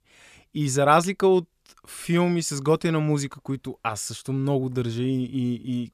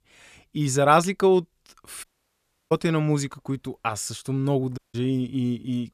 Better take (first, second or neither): first